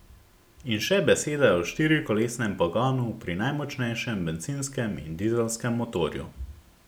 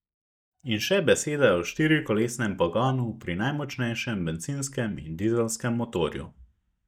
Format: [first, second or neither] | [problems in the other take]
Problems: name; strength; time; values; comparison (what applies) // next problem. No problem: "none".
first | noise reduction (neural mask model DeepFilterNet 3)